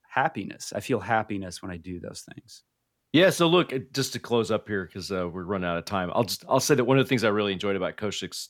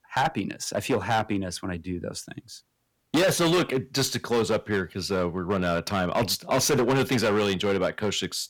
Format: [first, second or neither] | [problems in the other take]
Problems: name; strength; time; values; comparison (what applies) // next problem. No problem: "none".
first | distortion; heavy; 10% of the sound clipped